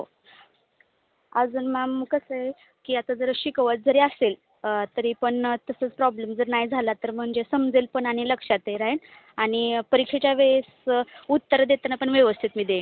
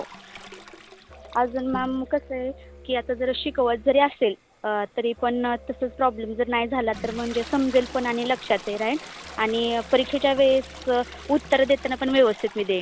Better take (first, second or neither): first